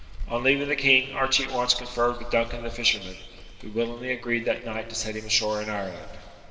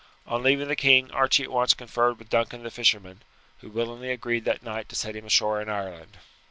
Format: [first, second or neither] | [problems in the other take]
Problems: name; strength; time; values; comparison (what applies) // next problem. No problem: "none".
second | background sound (Rain); 13 dB below the speech // room echo; dies away in 2.1 s